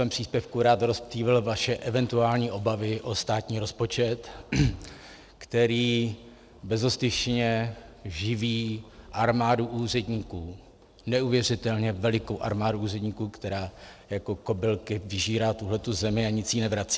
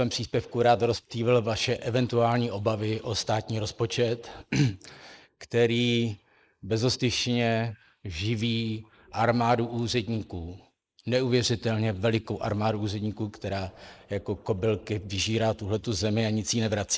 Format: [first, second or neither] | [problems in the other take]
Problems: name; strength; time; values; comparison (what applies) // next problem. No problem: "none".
first | noise reduction (neural mask model Resemble Enhance denoiser)